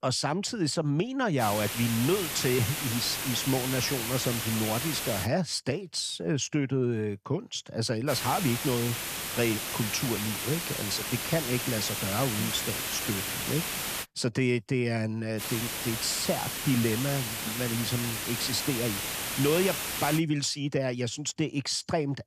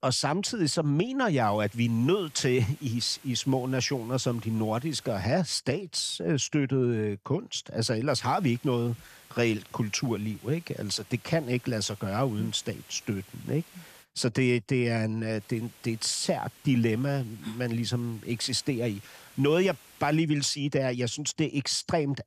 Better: second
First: hiss; loud; from 1.5 to 5.5 s, from 8 to 14 s and from 15 to 20 s; 2 dB below the speech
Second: hiss; faint; from 1.5 to 5.5 s, from 8 to 14 s and from 15 to 20 s; 25 dB below the speech

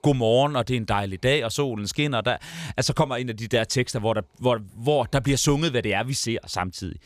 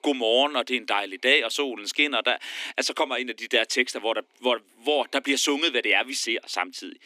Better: first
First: none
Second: thin; very slightly; fading below 250 Hz

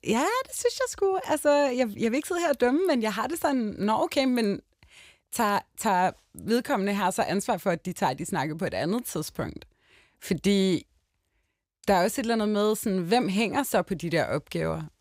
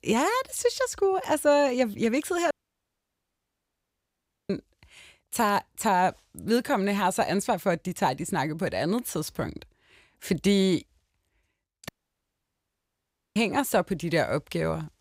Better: first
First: none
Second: audio cutting out; at 2.5 s for 2 s and at 12 s for 1.5 s

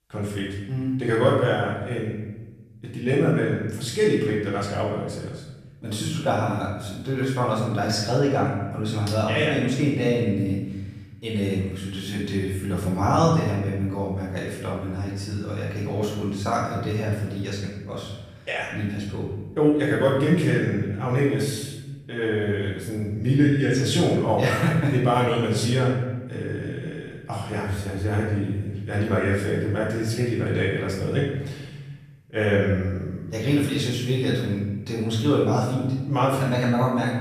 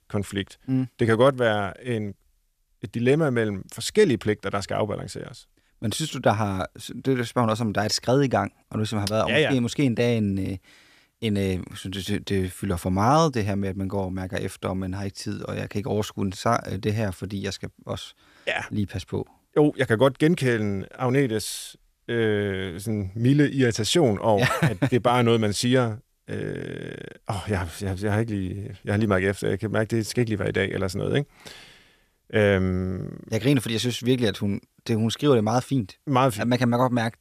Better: second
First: off-mic speech; far // room echo; noticeable; dies away in 1.1 s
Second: none

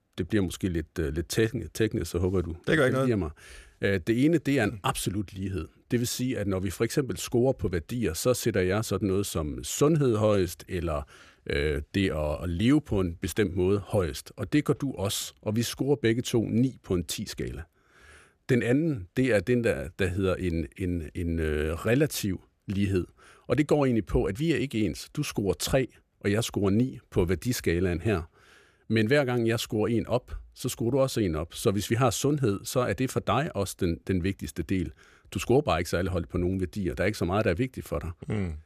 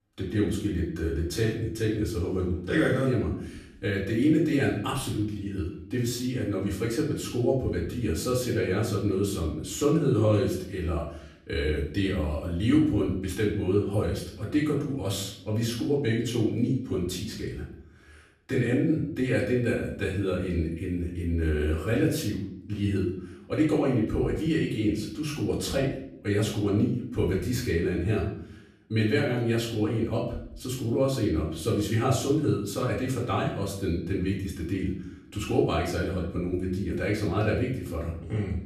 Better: first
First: none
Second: off-mic speech; far // room echo; noticeable; dies away in 0.6 s

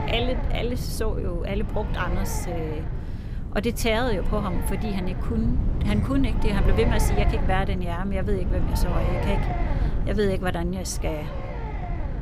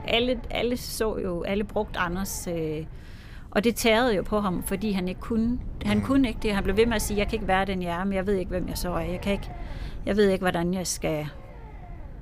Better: second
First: low rumble; loud; throughout; 6 dB below the speech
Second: low rumble; faint; throughout; 20 dB below the speech

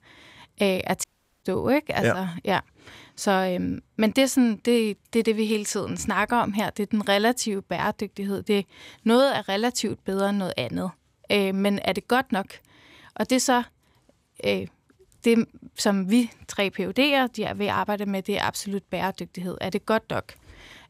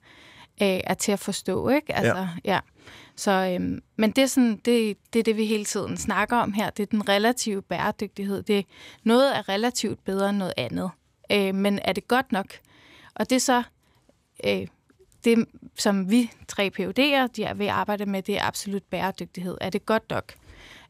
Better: second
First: audio cutting out; at 1 s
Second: none

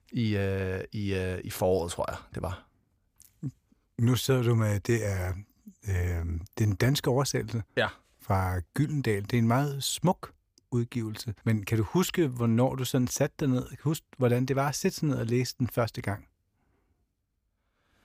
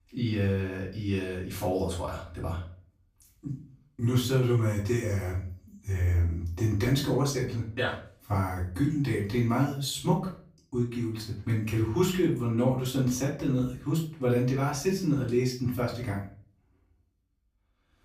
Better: first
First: none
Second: off-mic speech; far // room echo; slight; dies away in 0.4 s

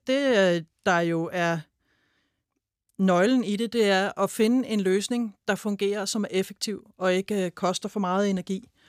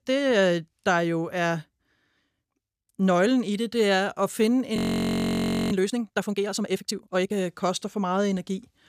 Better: first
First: none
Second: audio freezing; at 5 s for 1 s

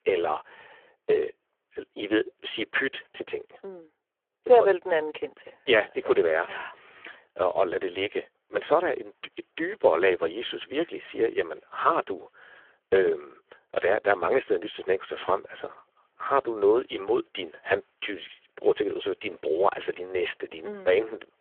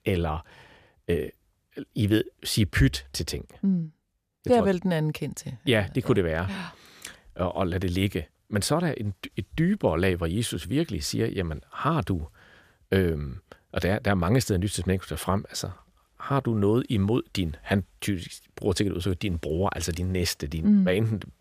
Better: second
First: phone-call audio; poor line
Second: none

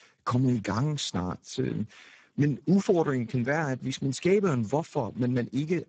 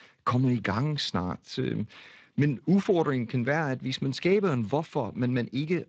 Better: second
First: garbled, watery; badly; nothing above 8 kHz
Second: garbled, watery; slightly; nothing above 7.5 kHz

